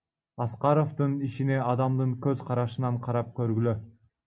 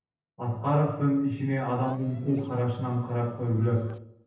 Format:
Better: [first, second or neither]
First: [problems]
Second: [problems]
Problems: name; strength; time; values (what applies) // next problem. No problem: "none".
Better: first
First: none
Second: noise reduction (neural separator model SepFormer DNS4)